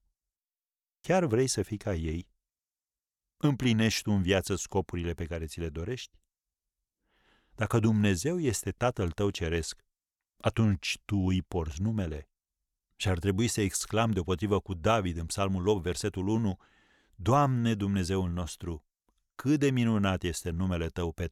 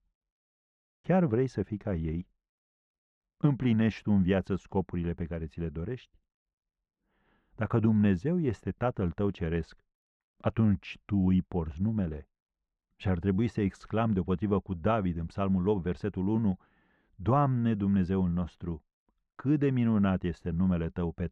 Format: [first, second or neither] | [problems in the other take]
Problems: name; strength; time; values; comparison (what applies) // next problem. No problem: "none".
first | muffled; very; fading above 2 kHz